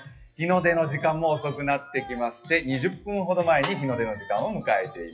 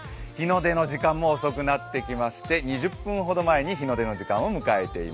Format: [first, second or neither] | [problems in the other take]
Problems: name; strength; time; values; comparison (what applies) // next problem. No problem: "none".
second | noise reduction (classical method WPE with log-MMSE)